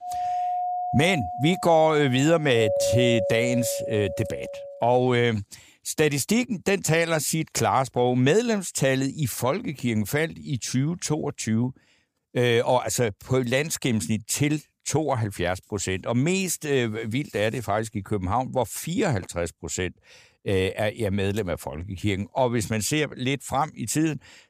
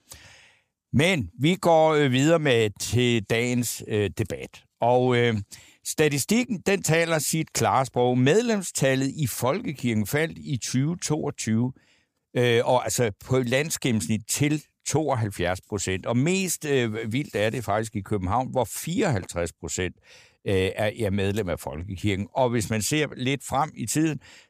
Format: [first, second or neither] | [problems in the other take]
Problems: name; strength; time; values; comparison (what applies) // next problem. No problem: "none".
second | doorbell; loud; until 5 s; peak 1 dB above the speech